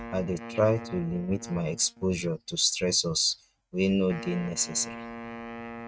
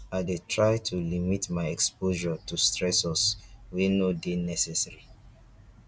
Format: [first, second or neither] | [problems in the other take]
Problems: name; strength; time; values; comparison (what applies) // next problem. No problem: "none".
second | noise reduction (neural mask model RNNoise)